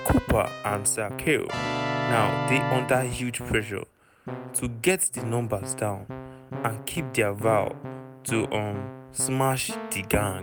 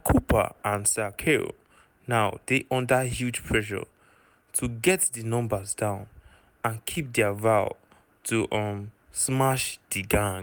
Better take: second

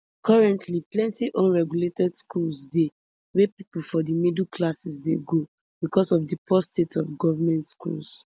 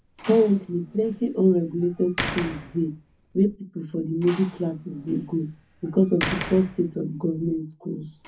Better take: first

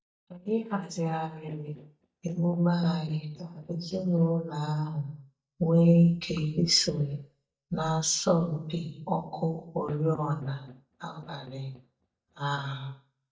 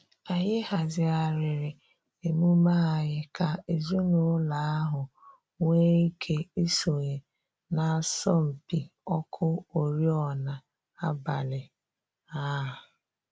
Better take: second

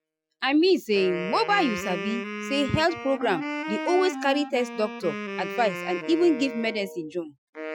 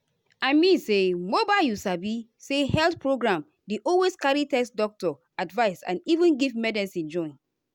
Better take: second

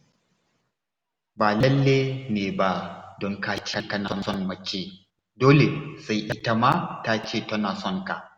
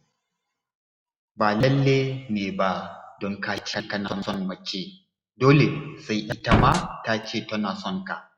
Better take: first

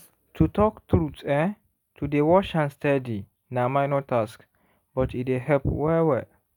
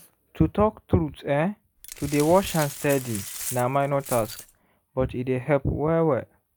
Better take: first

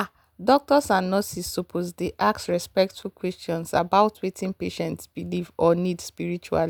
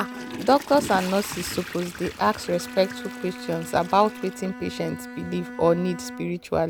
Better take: first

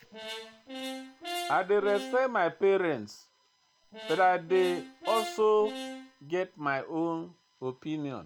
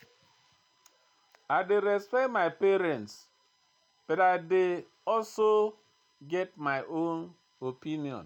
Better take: second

